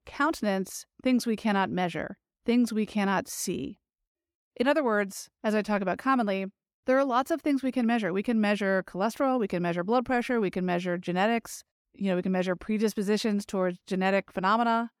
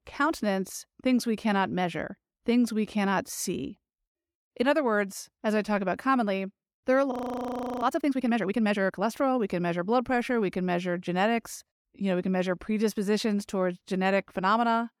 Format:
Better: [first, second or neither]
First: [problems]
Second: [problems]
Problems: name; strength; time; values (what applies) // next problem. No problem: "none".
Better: first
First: none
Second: audio freezing; at 7 s for 0.5 s